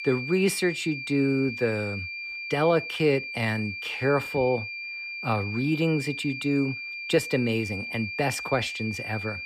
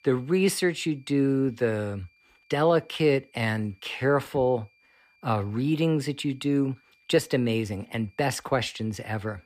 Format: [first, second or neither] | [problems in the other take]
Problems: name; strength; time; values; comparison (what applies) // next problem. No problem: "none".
second | high-pitched whine; loud; throughout; 2.5 kHz, 6 dB below the speech; faint in the second